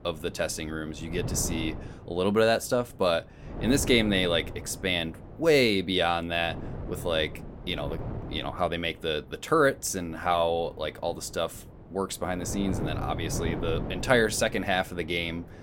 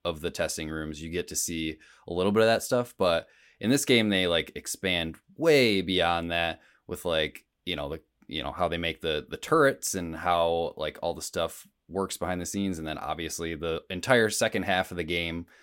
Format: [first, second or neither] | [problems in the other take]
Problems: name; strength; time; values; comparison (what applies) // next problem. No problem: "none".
second | wind noise on the microphone; occasional gusts; 15 dB below the speech